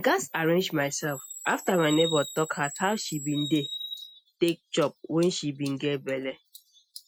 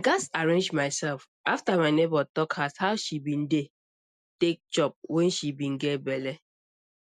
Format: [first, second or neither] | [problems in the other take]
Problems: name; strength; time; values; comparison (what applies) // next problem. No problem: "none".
second | noise reduction (classical method Wiener filter)